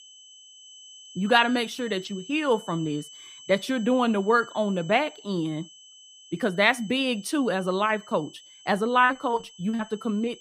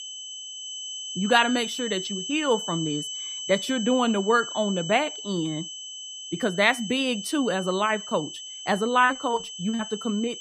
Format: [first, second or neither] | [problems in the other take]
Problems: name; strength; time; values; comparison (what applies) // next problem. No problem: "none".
first | high-pitched whine; loud; throughout; 3 kHz, 8 dB below the speech; faint in the first